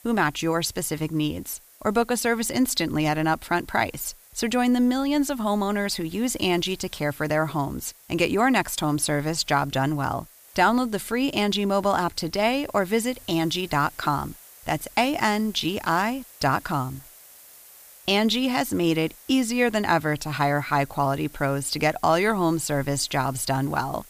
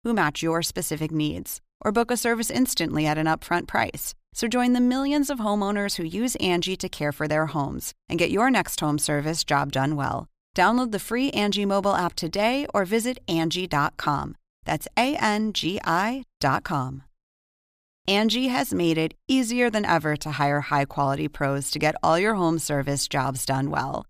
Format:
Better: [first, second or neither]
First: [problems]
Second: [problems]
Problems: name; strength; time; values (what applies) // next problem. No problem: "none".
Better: second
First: hiss; faint; throughout; 25 dB below the speech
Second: none